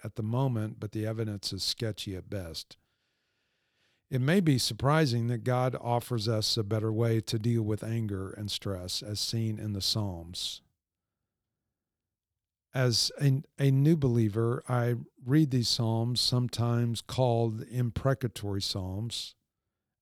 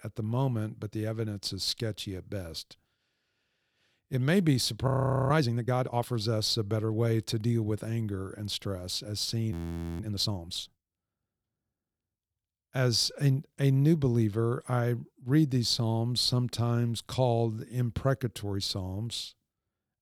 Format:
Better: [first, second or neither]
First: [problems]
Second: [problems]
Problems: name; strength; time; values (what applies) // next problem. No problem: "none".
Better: first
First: none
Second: audio freezing; at 5 s and at 9.5 s